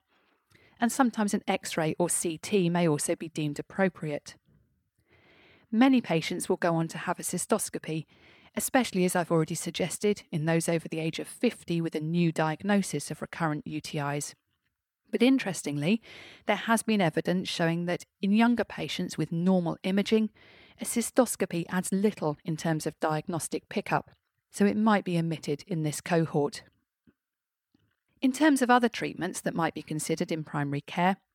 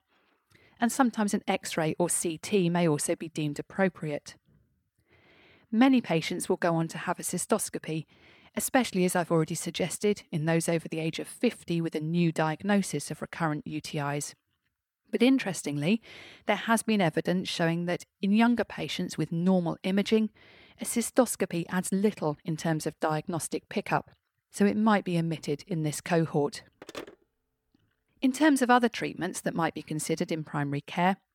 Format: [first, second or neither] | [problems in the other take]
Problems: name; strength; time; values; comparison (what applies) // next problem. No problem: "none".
first | phone ringing; faint; from 26 to 27 s; peak 15 dB below the speech